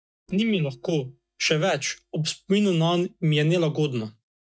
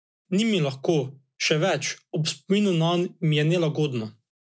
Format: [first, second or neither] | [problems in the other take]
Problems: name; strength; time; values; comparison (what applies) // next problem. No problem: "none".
second | noise reduction (neural mask model DeepFilterNet 3)